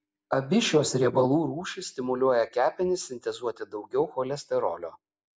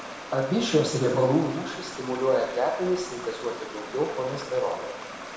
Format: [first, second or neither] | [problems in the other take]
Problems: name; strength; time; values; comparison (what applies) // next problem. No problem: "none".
first | background sound (Stream); 12 dB below the speech // room echo; dies away in 1 s